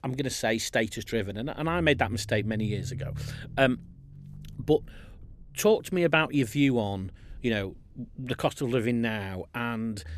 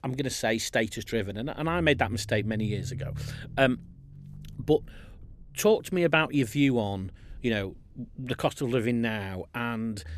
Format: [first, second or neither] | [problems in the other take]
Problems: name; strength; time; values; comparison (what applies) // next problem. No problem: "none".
neither | low rumble; faint; throughout; 25 dB below the speech; the same in both